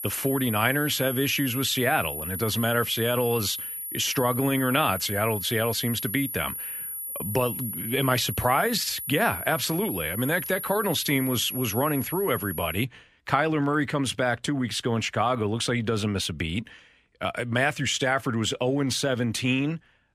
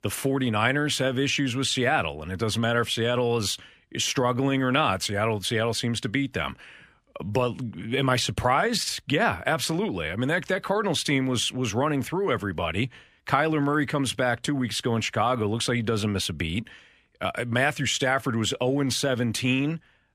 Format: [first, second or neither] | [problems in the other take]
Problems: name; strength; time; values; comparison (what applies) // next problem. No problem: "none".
second | high-pitched whine; loud; until 13 s; 11.5 kHz, 6 dB below the speech